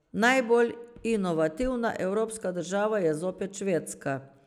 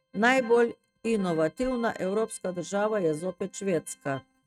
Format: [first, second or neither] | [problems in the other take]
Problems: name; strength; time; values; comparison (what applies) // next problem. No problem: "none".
first | noise reduction (neural mask model RNNoise)